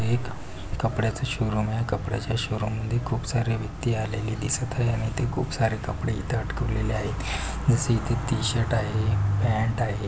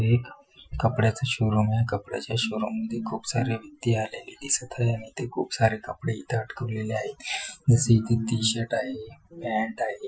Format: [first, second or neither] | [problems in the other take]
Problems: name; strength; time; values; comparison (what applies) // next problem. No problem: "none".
first | noise reduction (classical method Wiener filter)